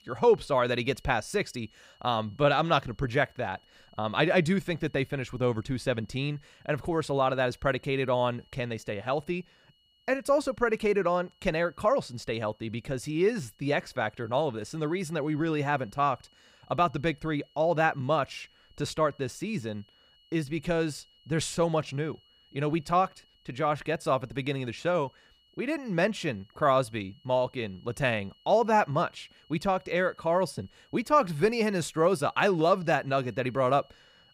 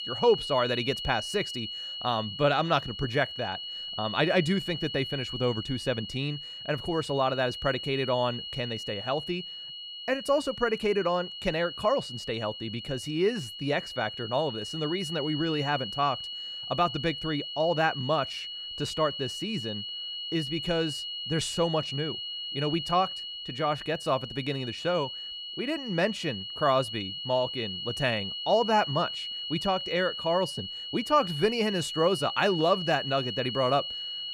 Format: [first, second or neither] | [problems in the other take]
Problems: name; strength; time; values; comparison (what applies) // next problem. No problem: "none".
first | high-pitched whine; loud; throughout; 3 kHz, 6 dB below the speech; faint in the first